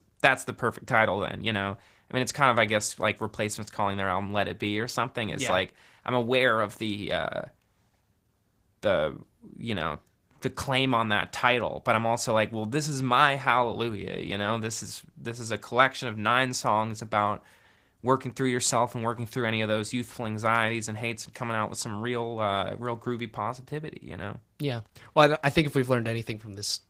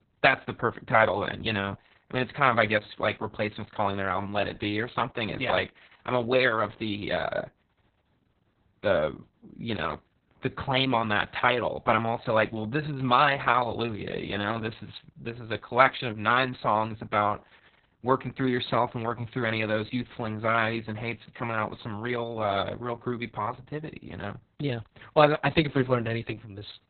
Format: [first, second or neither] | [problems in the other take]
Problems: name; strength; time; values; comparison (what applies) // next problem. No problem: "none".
first | garbled, watery; badly; nothing above 4 kHz; slightly in the first